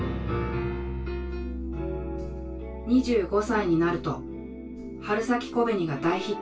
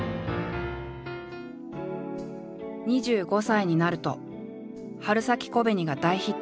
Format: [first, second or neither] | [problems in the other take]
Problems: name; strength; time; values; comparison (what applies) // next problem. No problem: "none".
second | background sound (Bass guitar); 9 dB below the speech // room echo; dies away in 0.1 s